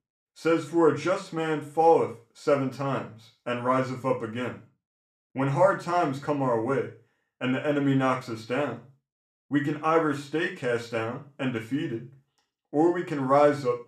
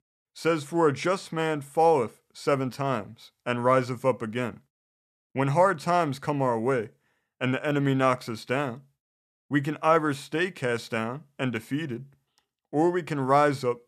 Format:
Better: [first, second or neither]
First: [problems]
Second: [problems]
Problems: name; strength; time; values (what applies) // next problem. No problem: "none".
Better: second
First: room echo; slight; dies away in 0.3 s // off-mic speech; far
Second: none